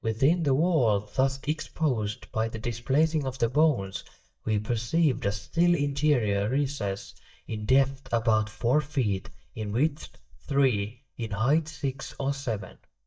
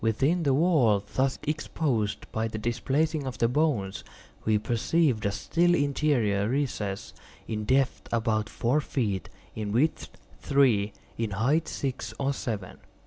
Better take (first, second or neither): second